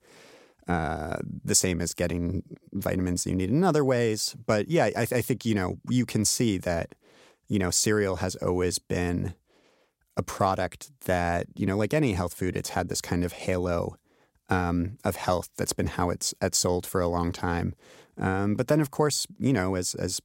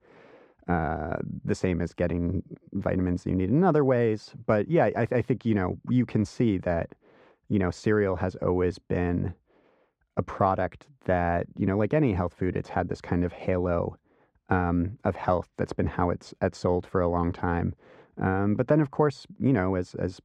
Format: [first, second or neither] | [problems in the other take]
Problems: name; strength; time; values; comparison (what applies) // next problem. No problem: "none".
first | muffled; very; fading above 2 kHz